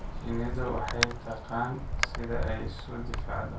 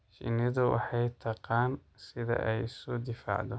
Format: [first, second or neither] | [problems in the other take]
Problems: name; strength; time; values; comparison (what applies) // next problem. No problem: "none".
second | background sound (Wind); 2 dB above the speech // room echo; dies away in 0.2 s